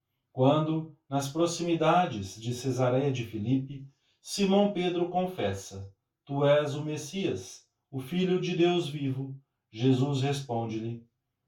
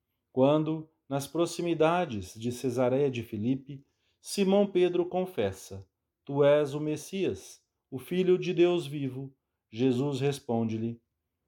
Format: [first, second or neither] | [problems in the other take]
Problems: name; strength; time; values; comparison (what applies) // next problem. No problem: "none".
second | room echo; very slight; dies away in 0.2 s // off-mic speech; far